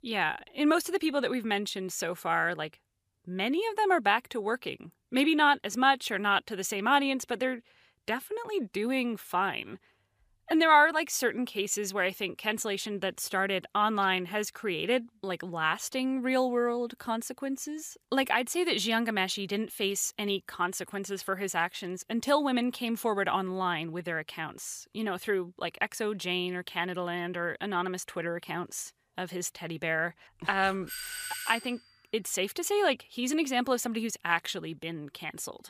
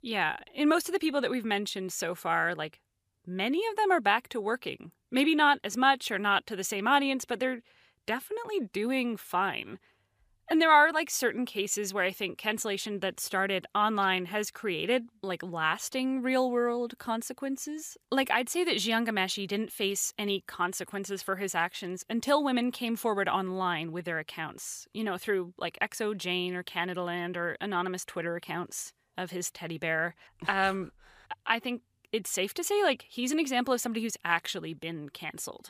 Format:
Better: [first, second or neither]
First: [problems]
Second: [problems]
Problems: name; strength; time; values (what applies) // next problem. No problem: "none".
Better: second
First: doorbell; noticeable; at 31 s; peak 6 dB below the speech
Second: none